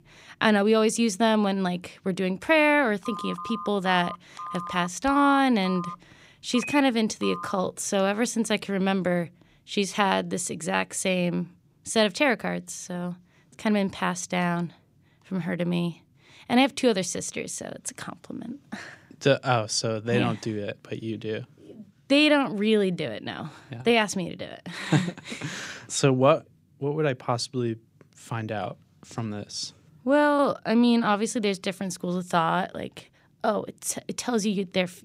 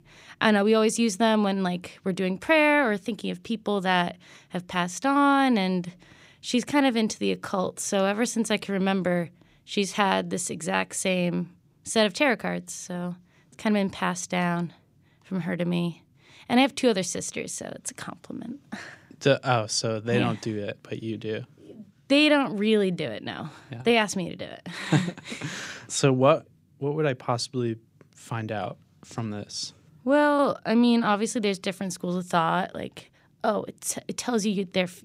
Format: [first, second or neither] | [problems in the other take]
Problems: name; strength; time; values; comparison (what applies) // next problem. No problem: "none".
second | phone ringing; noticeable; from 3 to 7.5 s; peak 9 dB below the speech